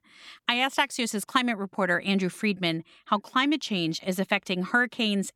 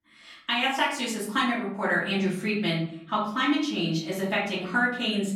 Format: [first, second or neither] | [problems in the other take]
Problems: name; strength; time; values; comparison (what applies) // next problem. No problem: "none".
first | off-mic speech; far // room echo; noticeable; dies away in 0.7 s